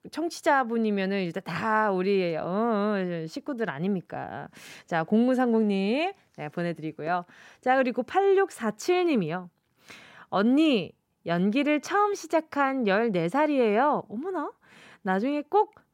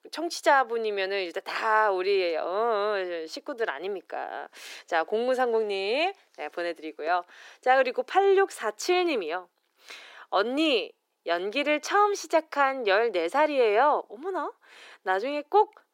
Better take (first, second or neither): first